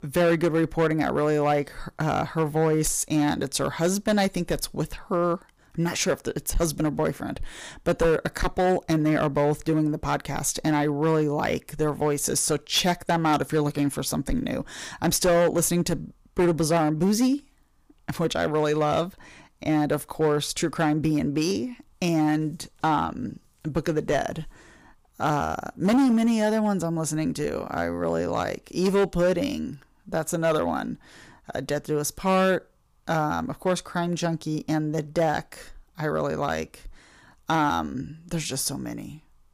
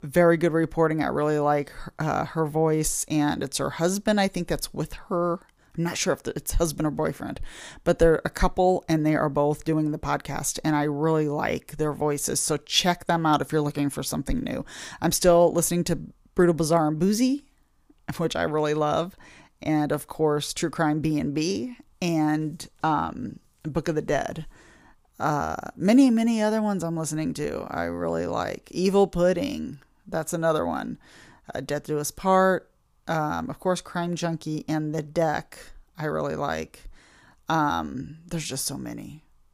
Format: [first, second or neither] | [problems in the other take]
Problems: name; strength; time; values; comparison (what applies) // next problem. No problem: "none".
second | distortion; slight; 5% of the sound clipped